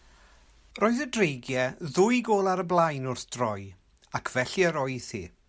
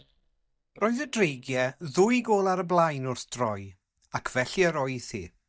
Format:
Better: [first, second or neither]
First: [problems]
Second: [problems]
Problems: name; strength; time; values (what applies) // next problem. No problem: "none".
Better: first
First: none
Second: noise reduction (neural mask model DeepFilterNet 3)